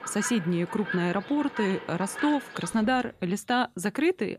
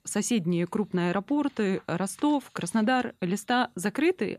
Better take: second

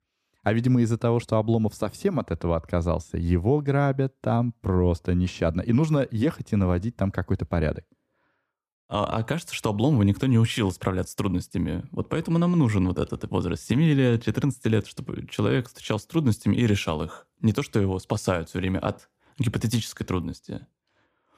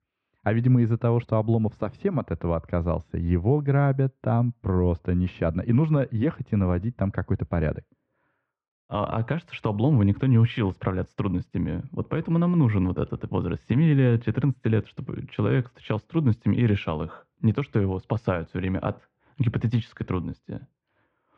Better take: first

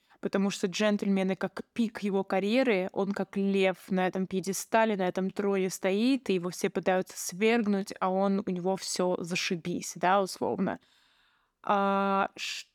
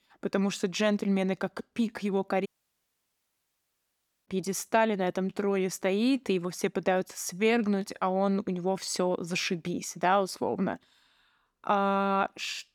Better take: first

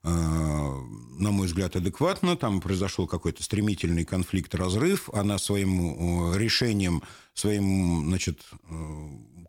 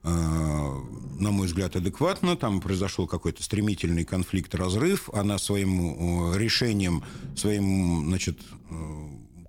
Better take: first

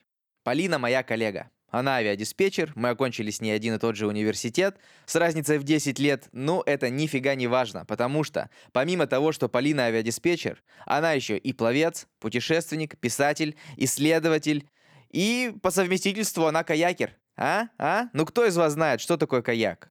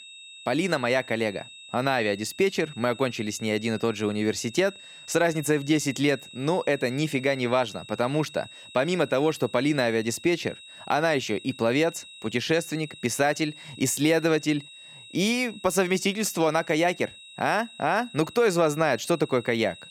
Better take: first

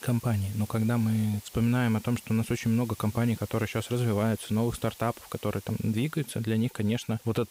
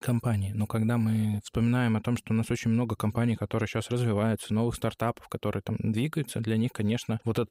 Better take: second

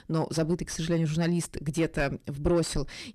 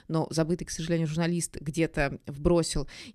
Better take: second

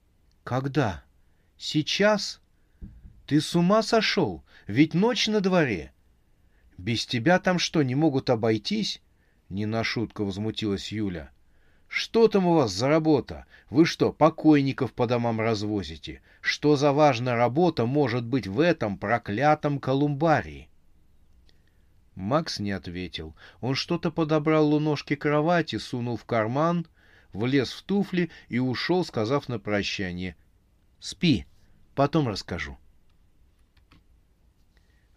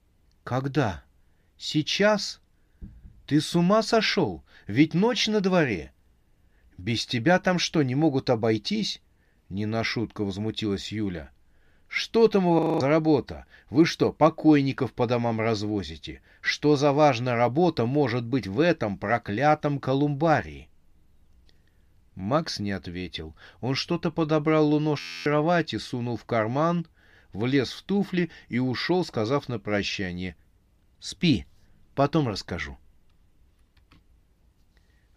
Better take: first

